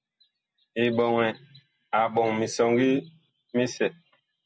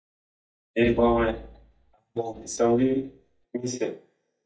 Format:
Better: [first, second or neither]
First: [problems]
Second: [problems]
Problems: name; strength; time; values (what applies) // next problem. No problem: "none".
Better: first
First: none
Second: noise reduction (neural mask model DeepFilterNet 3)